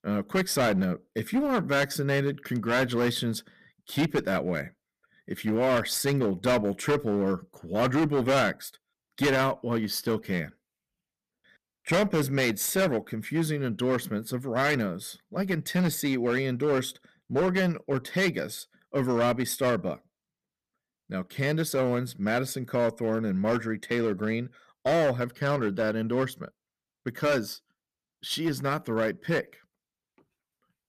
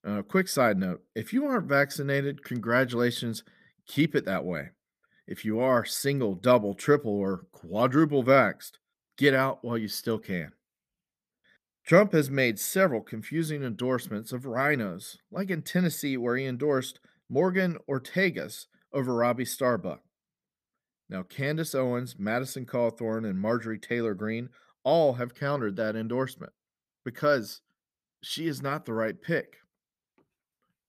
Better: second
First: distortion; heavy; 9% of the sound clipped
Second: none

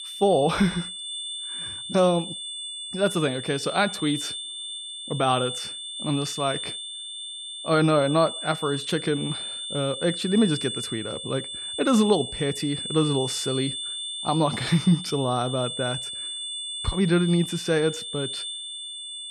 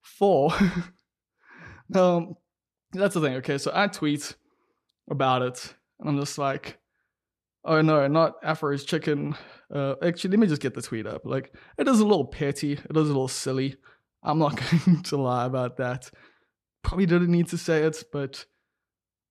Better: second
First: high-pitched whine; loud; throughout; 3.5 kHz, 6 dB below the speech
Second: none

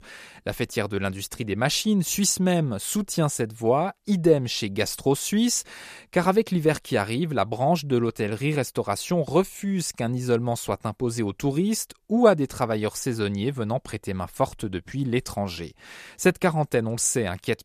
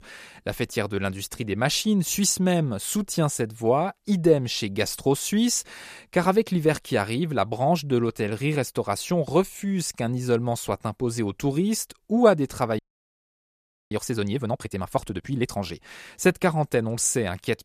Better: first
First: none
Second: audio freezing; at 13 s for 1 s

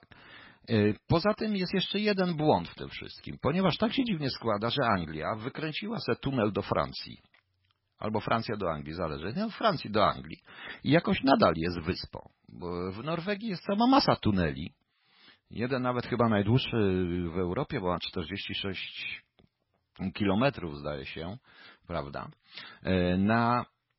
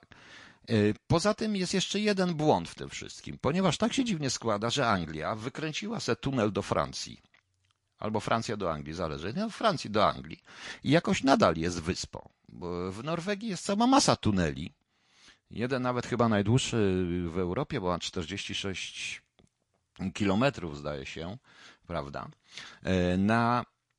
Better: second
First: garbled, watery; badly; nothing above 5.5 kHz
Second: garbled, watery; slightly; nothing above 11 kHz

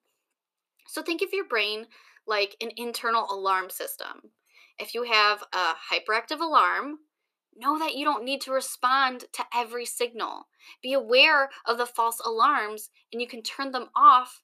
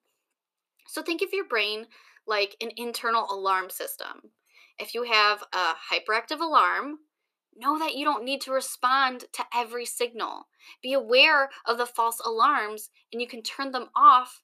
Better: neither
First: thin; somewhat; fading below 350 Hz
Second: thin; somewhat; fading below 350 Hz

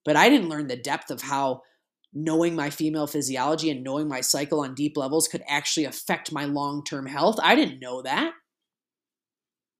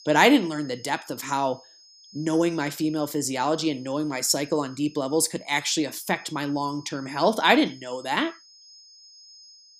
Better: first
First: none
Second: high-pitched whine; faint; throughout; 5 kHz, 25 dB below the speech

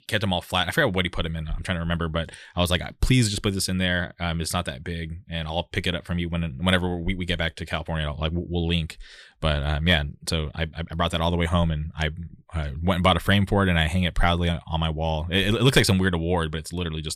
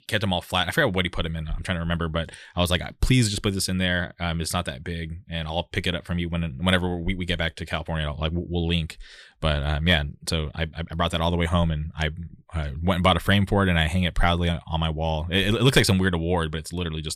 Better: neither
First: none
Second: none

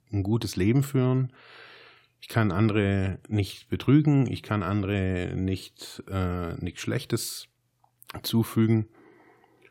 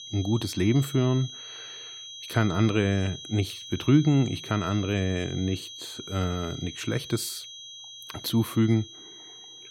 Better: first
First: none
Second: high-pitched whine; noticeable; throughout; 3.5 kHz, 15 dB below the speech

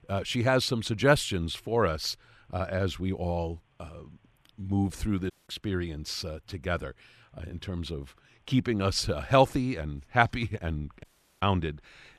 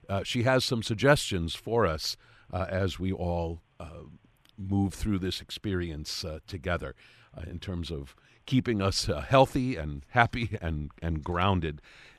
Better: second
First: audio cutting out; at 5.5 s and at 11 s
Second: none

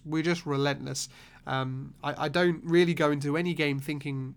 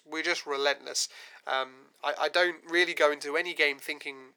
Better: first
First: none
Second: thin; very; fading below 450 Hz

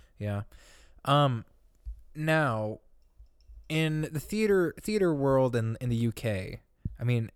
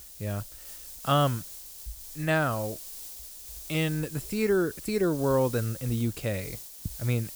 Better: first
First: none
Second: hiss; noticeable; throughout; 10 dB below the speech

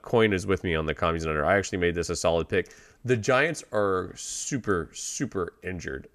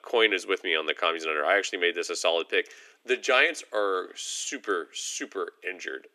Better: first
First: none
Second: thin; somewhat; fading below 300 Hz

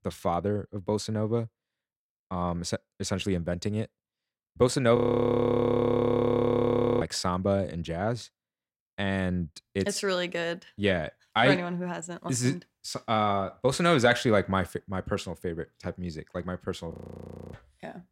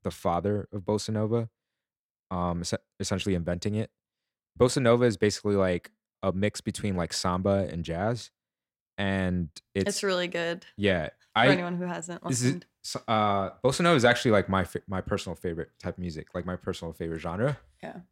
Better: second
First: audio freezing; at 5 s for 2 s and at 17 s for 0.5 s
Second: none

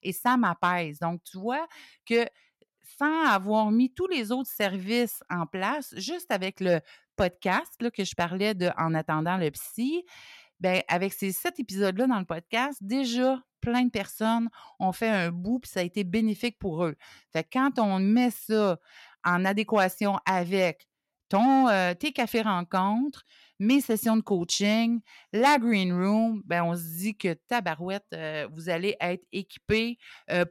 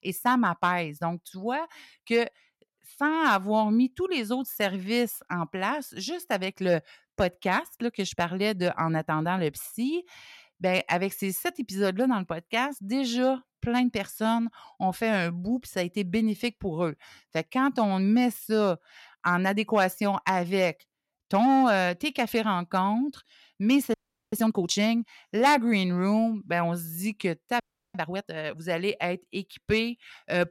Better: first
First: none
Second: audio freezing; at 24 s and at 28 s

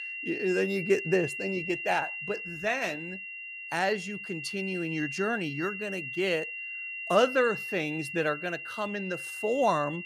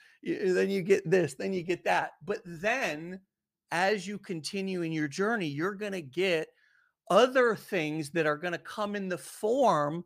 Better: second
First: high-pitched whine; loud; throughout; 3 kHz, 6 dB below the speech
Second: none

